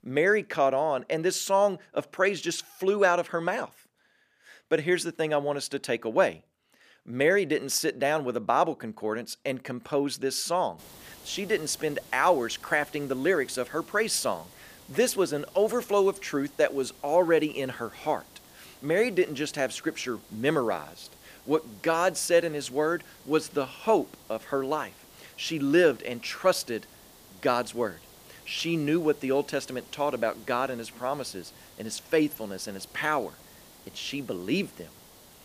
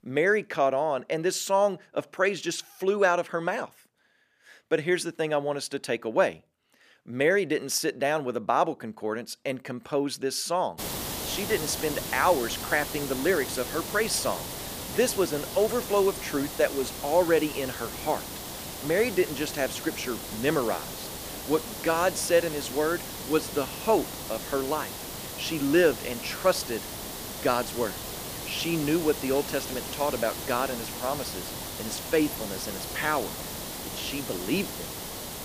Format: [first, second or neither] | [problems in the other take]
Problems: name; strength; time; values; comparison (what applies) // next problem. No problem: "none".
first | hiss; loud; from 11 s on; 7 dB below the speech; faint in the first